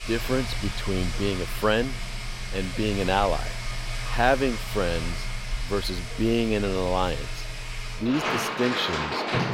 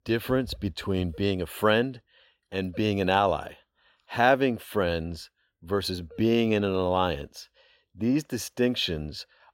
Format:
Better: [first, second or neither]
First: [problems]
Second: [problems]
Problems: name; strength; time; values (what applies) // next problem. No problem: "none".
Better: second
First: household noises; loud; throughout; 5 dB below the speech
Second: none